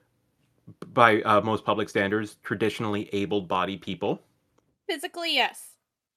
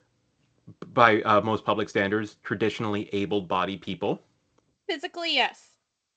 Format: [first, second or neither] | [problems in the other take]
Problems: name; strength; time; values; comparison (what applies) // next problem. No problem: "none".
first | garbled, watery; slightly; nothing above 7.5 kHz